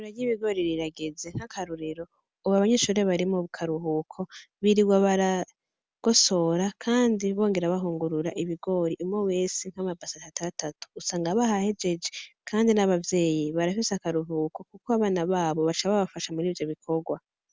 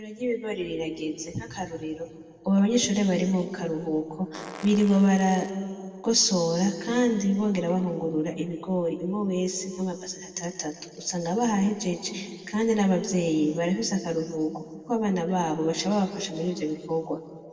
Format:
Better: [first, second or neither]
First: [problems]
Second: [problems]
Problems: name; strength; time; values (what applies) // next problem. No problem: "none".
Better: first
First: none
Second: noise reduction (neural separator model SepFormer DNS4)